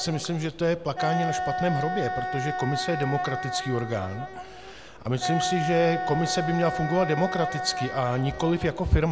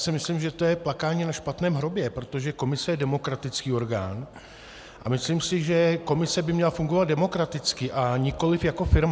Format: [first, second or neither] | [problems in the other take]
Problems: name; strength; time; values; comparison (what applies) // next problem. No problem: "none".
second | background sound (Wind instrument, woodwind instrument); 5 dB below the speech